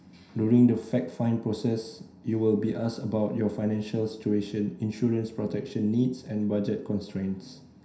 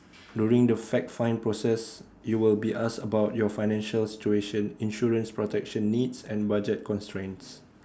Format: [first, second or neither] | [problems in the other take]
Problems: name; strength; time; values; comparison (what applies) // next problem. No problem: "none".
second | room echo; dies away in 0.5 s